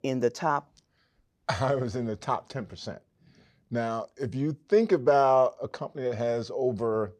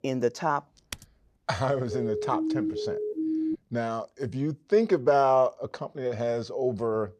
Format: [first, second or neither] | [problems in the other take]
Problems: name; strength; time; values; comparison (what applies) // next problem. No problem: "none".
first | keyboard typing; faint; at 1 s; peak 15 dB below the speech // siren; noticeable; from 2 to 3.5 s; peak 1 dB below the speech